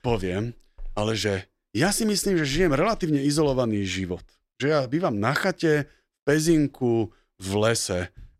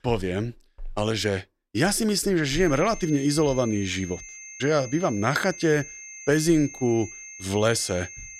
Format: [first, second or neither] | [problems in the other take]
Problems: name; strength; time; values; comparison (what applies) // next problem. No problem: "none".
first | high-pitched whine; noticeable; from 2.5 s on; 6.5 kHz, 15 dB below the speech